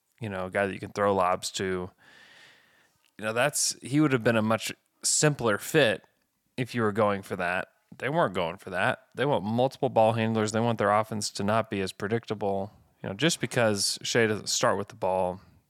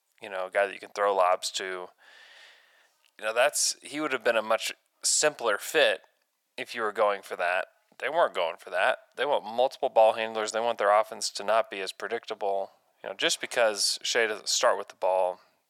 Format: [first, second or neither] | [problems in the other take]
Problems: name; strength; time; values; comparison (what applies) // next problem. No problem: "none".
first | thin; very; fading below 600 Hz